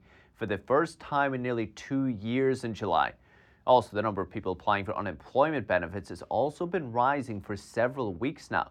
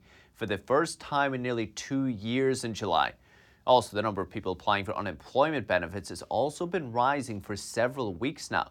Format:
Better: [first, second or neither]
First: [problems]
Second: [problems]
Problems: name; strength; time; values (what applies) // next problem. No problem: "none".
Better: second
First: muffled; slightly; fading above 3.5 kHz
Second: none